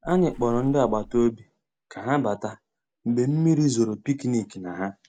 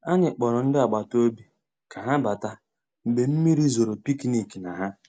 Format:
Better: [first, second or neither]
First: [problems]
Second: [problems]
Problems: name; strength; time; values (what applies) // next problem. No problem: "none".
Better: second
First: background sound (Water / Splash, splatter); 13 dB below the speech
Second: none